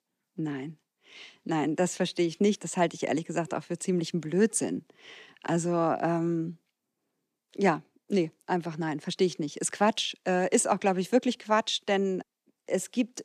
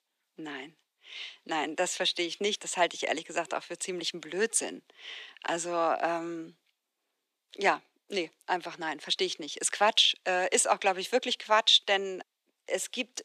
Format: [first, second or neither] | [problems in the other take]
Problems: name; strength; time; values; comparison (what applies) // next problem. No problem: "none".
first | thin; somewhat; fading below 550 Hz